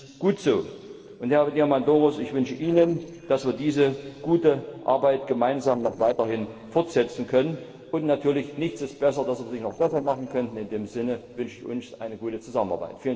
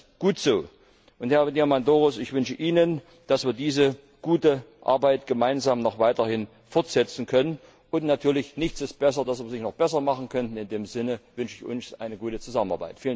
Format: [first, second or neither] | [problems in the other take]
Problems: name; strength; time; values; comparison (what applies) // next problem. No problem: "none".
second | noise reduction (neural separator model SepFormer DNS4)